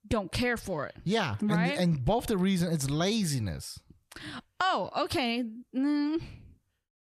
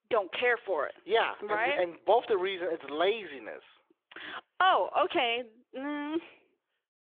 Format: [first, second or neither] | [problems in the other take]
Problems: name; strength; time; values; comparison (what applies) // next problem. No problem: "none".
first | phone-call audio; nothing above 3.5 kHz